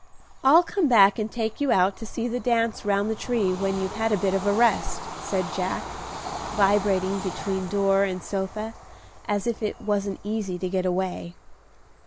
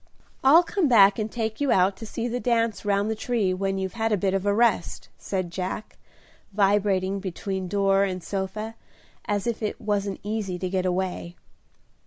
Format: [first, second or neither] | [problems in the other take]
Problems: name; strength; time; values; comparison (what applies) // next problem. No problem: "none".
second | background sound (Train / Bird vocalization, bird call, bird song); 13 dB below the speech